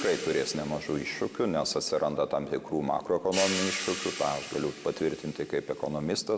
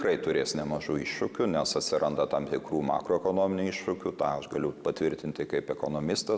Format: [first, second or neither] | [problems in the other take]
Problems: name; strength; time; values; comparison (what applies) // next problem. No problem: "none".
second | background sound (Hi-hat); 10 dB below the speech